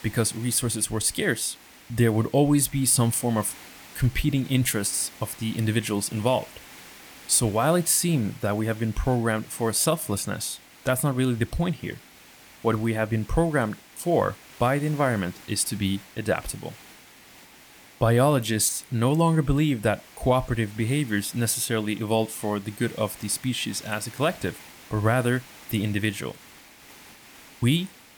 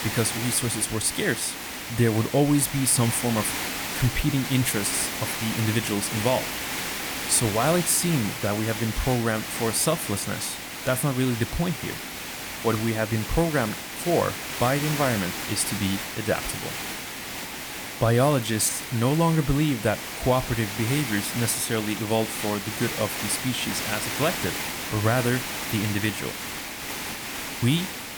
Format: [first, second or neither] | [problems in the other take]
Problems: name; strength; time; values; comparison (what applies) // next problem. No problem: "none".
first | hiss; loud; throughout; 5 dB below the speech; faint in the first